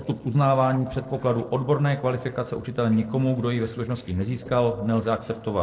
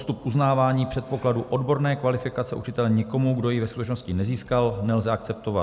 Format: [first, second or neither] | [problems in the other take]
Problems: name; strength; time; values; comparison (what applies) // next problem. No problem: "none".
second | noise reduction (neural separator model SepFormer DNS4)